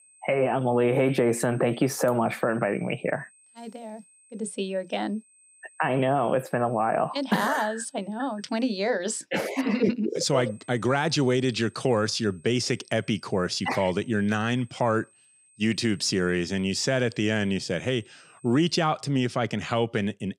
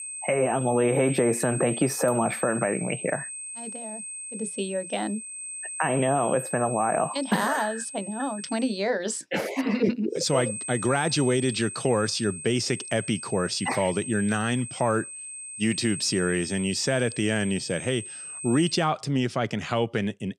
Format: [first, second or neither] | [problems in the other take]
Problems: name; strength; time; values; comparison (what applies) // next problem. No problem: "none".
first | high-pitched whine; loud; until 8.5 s and from 10 to 19 s; 8.5 kHz, 8 dB below the speech; faint in the first